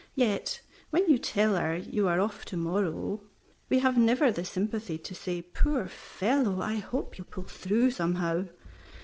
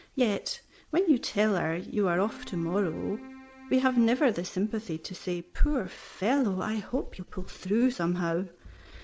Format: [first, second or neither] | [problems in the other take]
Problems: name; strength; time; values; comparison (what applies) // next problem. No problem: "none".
first | background sound (Keyboard (musical)); 20 dB below the speech